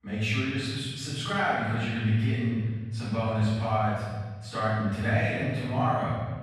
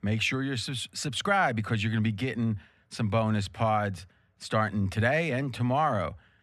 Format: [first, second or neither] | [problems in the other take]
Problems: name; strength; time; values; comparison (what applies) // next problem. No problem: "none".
second | room echo; strong; dies away in 1.5 s // off-mic speech; far